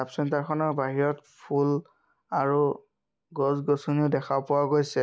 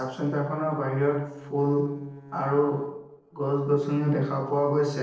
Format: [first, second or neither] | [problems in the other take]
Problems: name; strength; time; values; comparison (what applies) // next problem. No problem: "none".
first | noise reduction (neural separator model SepFormer DNS4)